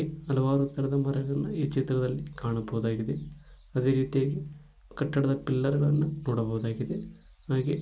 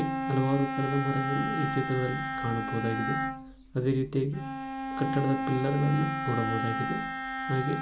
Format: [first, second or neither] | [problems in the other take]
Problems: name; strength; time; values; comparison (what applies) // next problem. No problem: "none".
first | background sound (Bowed string instrument); 3 dB below the speech